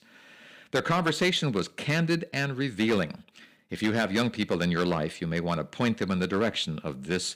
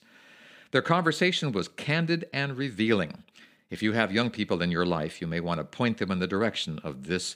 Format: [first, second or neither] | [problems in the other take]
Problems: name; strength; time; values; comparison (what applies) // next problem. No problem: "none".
second | distortion; slight; 3% of the sound clipped